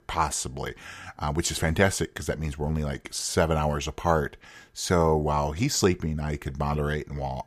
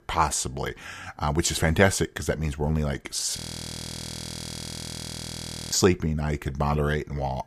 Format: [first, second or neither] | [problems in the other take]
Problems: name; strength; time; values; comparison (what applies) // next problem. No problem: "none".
first | audio freezing; at 3.5 s for 2.5 s